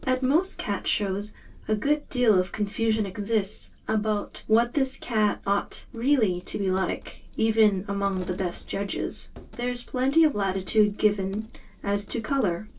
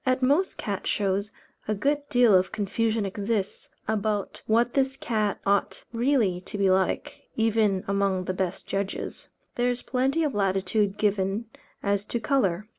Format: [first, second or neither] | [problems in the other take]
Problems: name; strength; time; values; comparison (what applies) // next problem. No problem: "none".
second | background sound (Coin (dropping)); 18 dB below the speech // room echo; dies away in 0.1 s